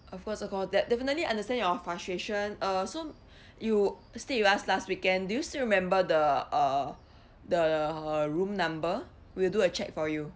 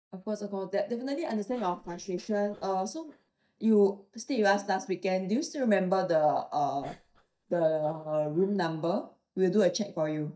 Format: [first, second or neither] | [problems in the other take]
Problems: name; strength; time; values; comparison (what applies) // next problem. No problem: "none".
first | noise reduction (neural mask model DeepFilterNet 3)